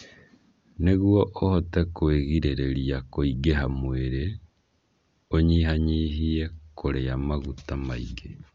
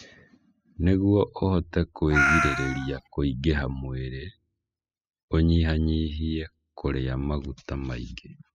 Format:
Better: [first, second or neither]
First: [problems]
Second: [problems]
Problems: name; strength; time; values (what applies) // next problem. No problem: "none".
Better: first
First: none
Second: noise reduction (classical method spectral subtraction)